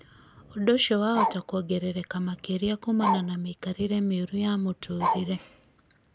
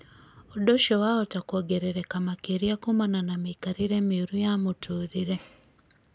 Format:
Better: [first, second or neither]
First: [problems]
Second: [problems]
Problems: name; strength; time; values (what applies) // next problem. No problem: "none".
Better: second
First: background sound (Bark); 6 dB below the speech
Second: none